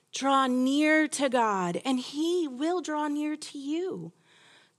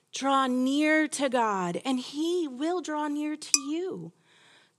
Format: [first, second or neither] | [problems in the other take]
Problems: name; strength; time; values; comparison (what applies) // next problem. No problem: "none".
first | clattering dishes; very faint; at 3.5 s; peak 2 dB above the speech